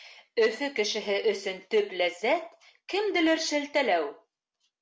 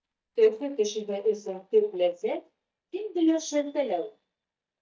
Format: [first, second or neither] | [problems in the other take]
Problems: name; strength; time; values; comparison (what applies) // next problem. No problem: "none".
first | noise reduction (neural mask model DeepFilterNet 3)